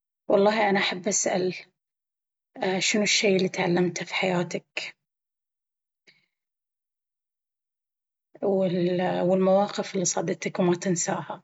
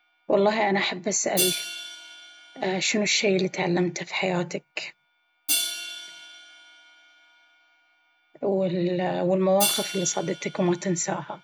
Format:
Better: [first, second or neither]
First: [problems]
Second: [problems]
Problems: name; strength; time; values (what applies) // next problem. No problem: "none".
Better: first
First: none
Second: background sound (Hi-hat); 8 dB below the speech